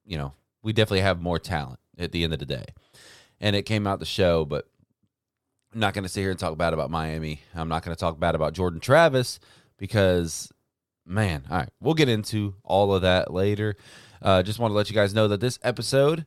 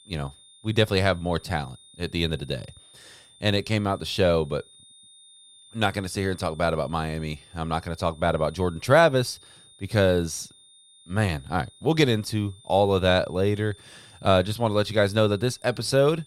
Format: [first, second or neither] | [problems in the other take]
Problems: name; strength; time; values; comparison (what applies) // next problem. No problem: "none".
first | high-pitched whine; faint; throughout; 3.5 kHz, 25 dB below the speech